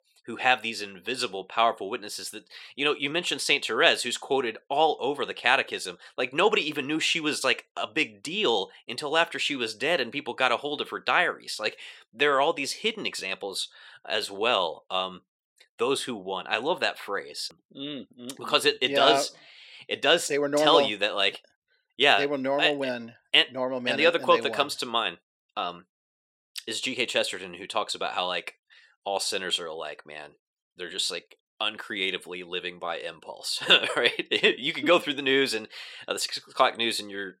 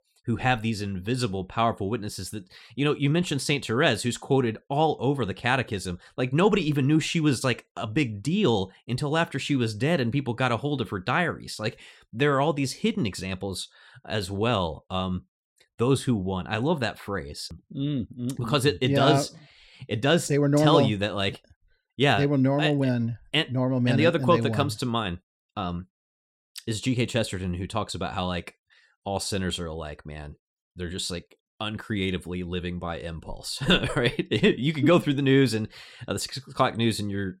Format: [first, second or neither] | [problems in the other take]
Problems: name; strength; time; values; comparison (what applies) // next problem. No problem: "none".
second | thin; somewhat; fading below 500 Hz